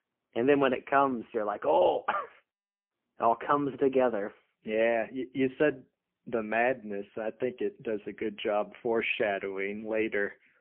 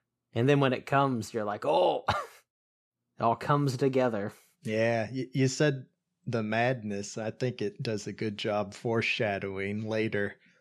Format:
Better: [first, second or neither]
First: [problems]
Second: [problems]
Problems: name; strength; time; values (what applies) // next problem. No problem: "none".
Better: second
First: phone-call audio; poor line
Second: none